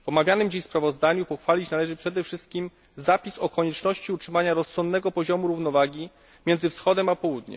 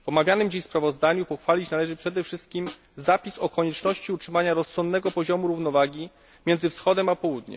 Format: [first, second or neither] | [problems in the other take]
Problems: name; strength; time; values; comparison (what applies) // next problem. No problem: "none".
first | background sound (Snare drum); 19 dB below the speech